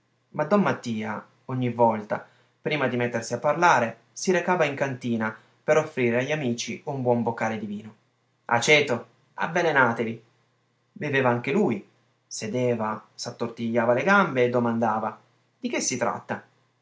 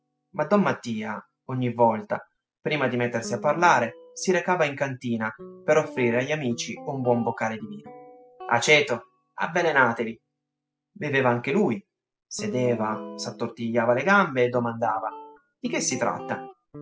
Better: first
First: none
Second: noise reduction (classical method spectral subtraction)

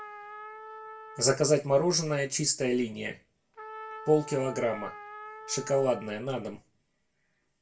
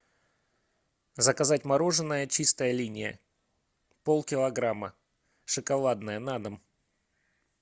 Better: second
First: background sound (Trumpet); 16 dB below the speech // room echo; dies away in 0.2 s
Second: none

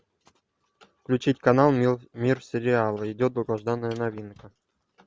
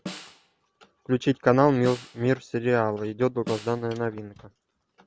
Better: first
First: none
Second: background sound (Snare drum); 18 dB below the speech

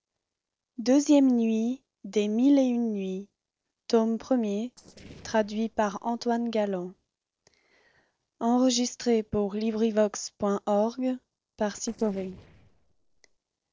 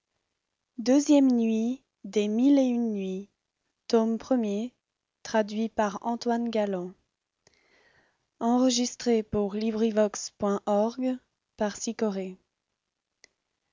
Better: second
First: noise reduction (neural separator model SepFormer DNS4)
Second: none

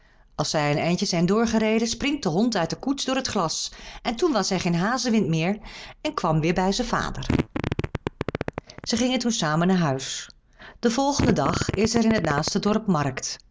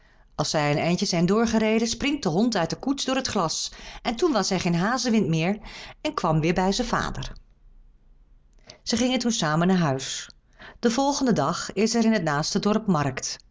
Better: second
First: background sound (Fart); 4 dB below the speech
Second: none

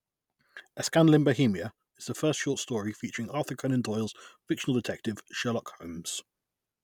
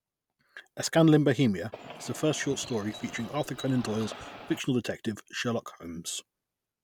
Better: first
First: none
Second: background sound (Bird); 15 dB below the speech

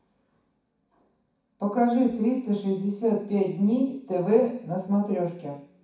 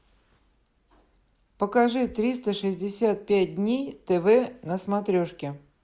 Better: second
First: room echo; dies away in 0.6 s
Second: none

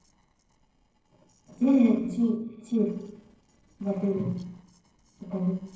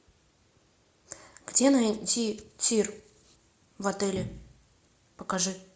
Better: second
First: noise reduction (neural separator model SepFormer DNS4)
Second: none

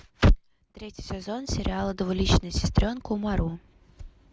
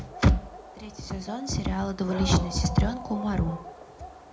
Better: first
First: none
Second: background sound (Dog); 14 dB below the speech // room echo; dies away in 0.2 s

